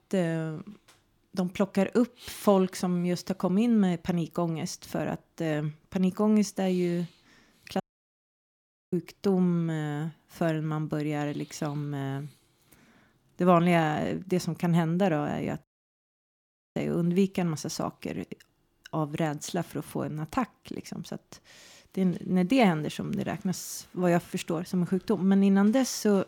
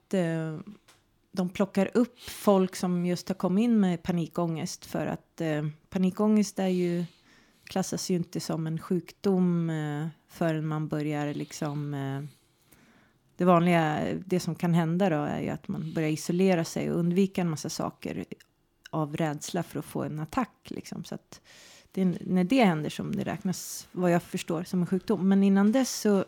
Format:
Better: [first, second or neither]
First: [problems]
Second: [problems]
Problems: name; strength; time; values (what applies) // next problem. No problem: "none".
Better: second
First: audio cutting out; at 8 s for 1 s and at 16 s for 1 s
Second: none